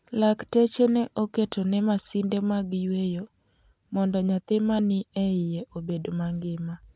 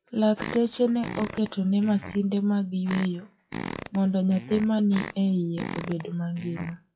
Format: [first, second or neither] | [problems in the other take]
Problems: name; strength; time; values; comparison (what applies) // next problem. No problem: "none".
first | noise reduction (classical method WPE with log-MMSE)